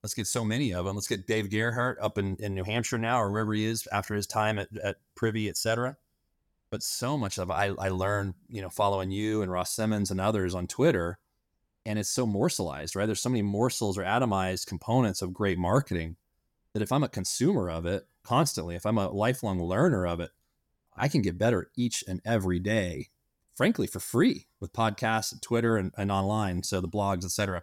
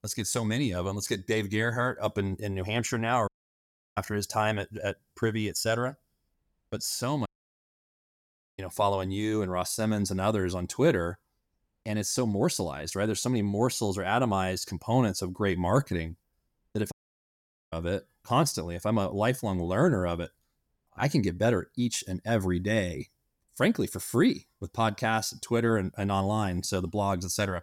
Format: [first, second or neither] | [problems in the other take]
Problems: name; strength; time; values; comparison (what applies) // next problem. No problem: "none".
first | audio cutting out; at 3.5 s for 0.5 s, at 7.5 s for 1.5 s and at 17 s for 1 s